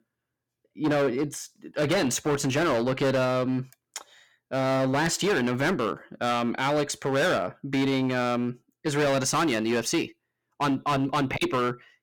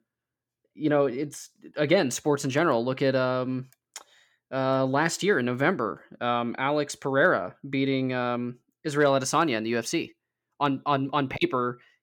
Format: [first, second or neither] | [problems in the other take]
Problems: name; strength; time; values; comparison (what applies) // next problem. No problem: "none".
second | distortion; heavy; 15% of the sound clipped